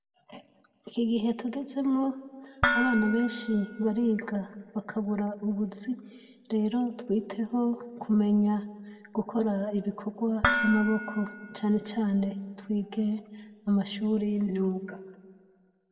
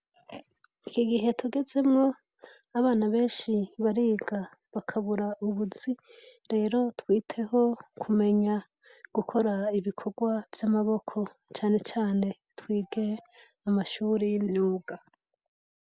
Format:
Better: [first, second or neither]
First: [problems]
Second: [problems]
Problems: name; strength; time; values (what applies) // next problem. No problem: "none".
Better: second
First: background sound (Dishes, pots, and pans); 3 dB below the speech // room echo; dies away in 1.2 s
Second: none